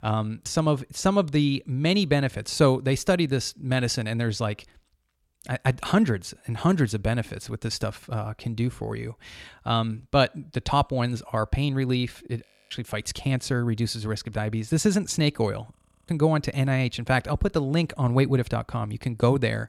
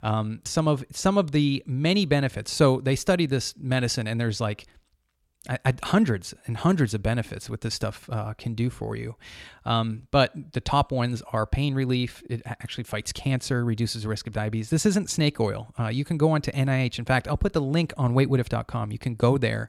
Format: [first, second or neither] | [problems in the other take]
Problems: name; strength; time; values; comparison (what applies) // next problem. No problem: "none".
second | audio freezing; at 12 s and at 16 s